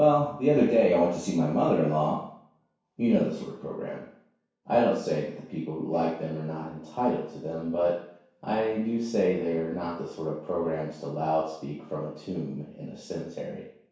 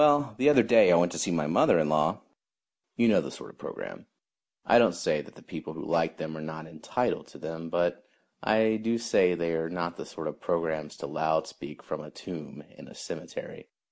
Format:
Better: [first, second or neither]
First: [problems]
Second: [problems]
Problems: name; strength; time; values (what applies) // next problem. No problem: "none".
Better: second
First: room echo; dies away in 0.6 s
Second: none